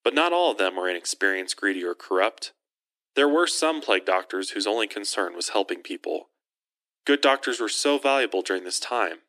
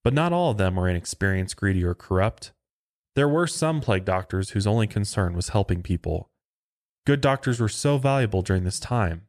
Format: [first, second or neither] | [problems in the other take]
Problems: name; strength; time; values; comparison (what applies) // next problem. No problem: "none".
second | thin; somewhat; fading below 300 Hz